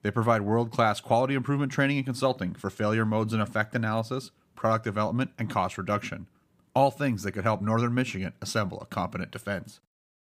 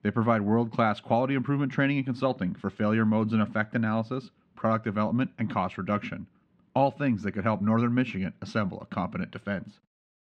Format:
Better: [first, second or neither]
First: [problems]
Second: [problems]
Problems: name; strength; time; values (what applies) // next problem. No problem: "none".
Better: first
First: none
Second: muffled; slightly; fading above 3 kHz